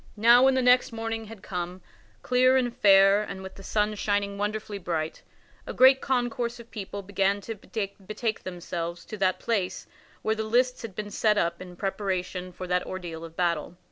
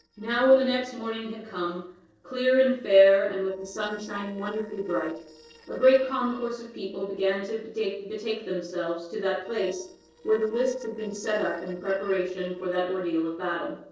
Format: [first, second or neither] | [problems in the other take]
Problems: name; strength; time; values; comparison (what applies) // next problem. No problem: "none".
first | noise reduction (neural separator model SepFormer DNS4)